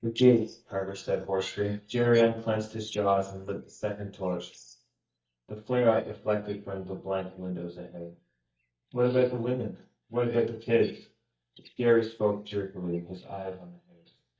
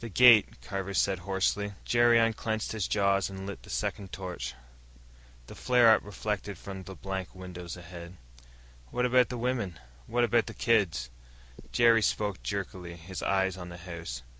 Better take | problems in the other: second | noise reduction (neural mask model DeepFilterNet 3)

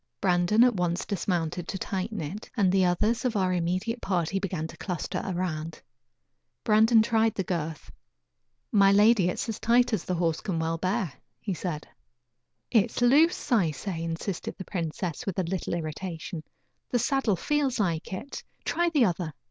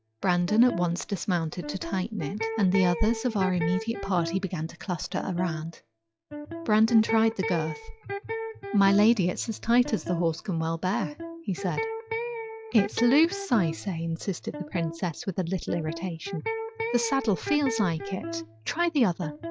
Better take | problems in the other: first | noise reduction (classical method log-MMSE)

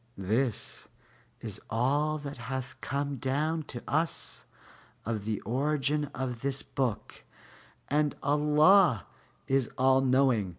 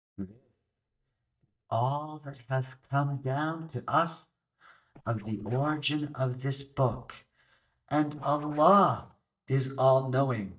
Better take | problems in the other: first | noise reduction (neural mask model DeepFilterNet 3)

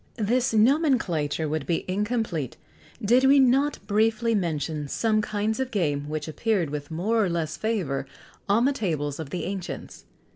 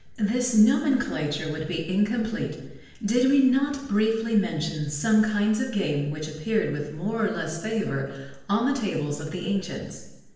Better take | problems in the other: first | room echo; dies away in 0.8 s

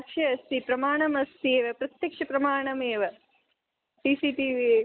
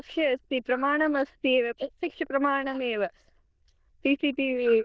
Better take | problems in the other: first | noise reduction (neural diffusion model UNIVERSE++)

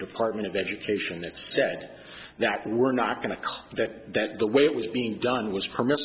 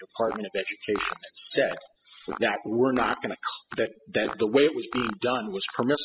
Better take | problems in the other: first | noise reduction (classical method spectral subtraction)

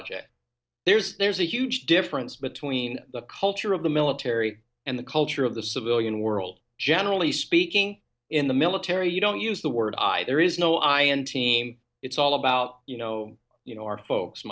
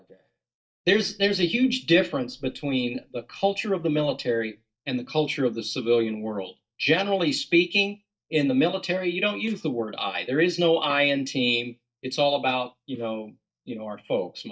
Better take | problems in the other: first | noise reduction (neural mask model DeepFilterNet 3)

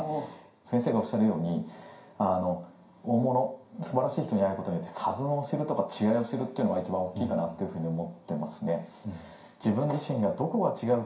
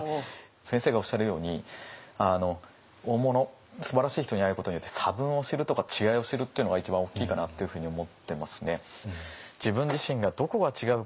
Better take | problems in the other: second | room echo; dies away in 0.5 s

